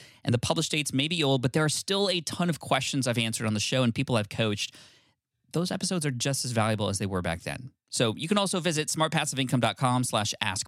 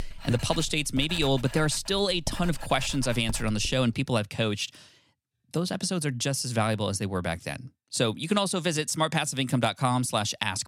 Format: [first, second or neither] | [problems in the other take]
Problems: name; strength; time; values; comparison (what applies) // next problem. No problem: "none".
first | household noises; noticeable; until 4 s; 15 dB below the speech